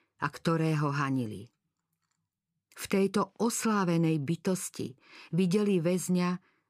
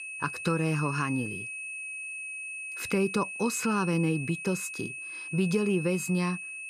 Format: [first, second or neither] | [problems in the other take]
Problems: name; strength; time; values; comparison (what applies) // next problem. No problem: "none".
first | high-pitched whine; loud; throughout; 2.5 kHz, 6 dB below the speech